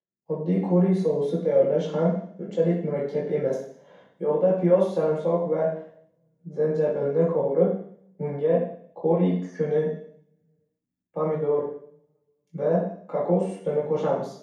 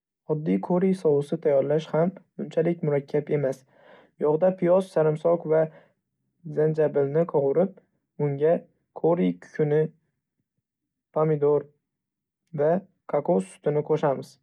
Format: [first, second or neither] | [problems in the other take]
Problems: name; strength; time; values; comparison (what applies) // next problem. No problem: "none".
second | room echo; dies away in 0.6 s